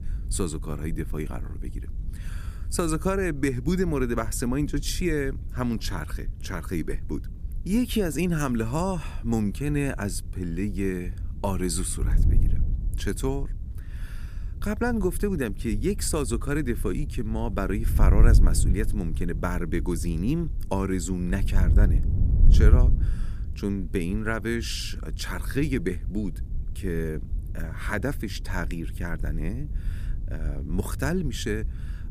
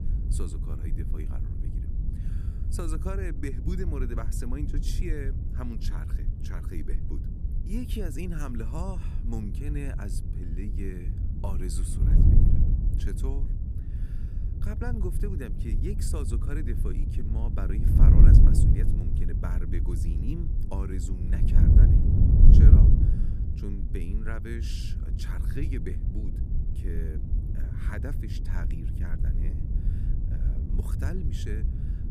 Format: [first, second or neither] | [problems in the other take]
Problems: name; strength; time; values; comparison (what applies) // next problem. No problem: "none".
first | wind noise on the microphone; heavy; as loud as the speech; occasional gusts in the first